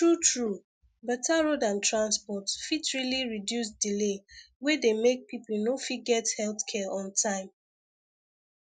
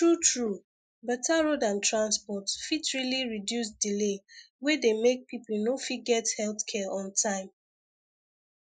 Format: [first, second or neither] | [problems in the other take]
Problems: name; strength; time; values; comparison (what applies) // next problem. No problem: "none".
first | noise reduction (neural mask model Resemble Enhance denoiser)